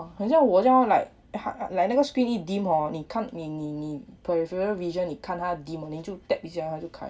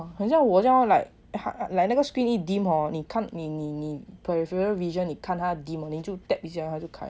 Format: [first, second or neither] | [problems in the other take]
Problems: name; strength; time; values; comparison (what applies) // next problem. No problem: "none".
second | room echo; dies away in 0.2 s